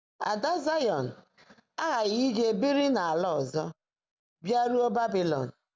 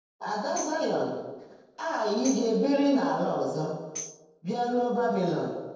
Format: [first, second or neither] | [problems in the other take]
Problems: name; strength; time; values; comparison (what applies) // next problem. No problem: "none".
first | noise reduction (neural separator model SepFormer DNS4)